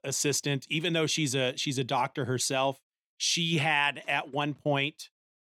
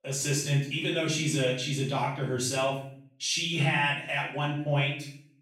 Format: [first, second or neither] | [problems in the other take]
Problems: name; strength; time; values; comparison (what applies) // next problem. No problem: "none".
first | room echo; noticeable; dies away in 0.6 s // off-mic speech; far